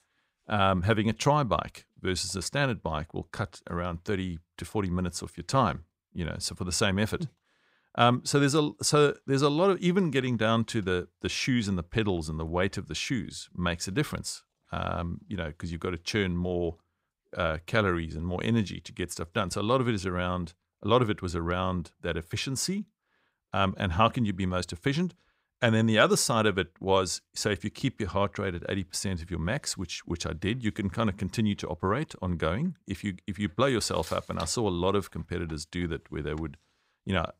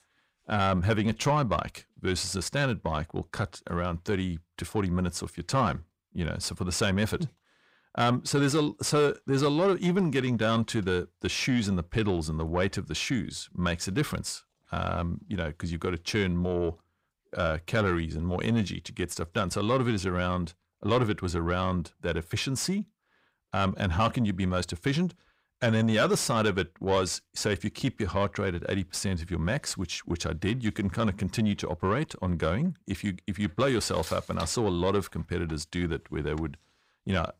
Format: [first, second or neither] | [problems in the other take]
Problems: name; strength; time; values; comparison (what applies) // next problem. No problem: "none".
first | distortion; slight; 10 dB below the speech